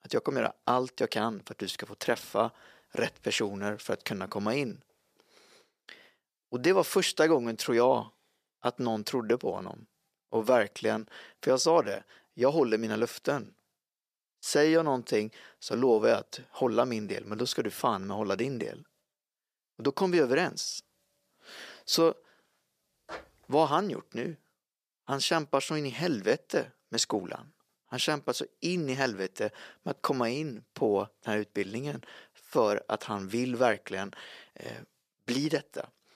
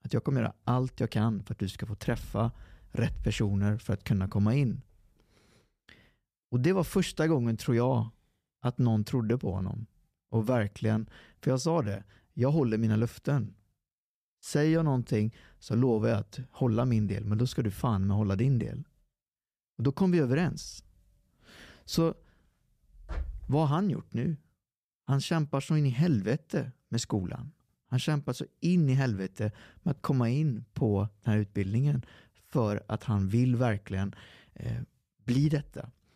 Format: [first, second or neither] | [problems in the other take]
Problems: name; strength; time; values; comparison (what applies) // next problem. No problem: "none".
second | thin; very; fading below 450 Hz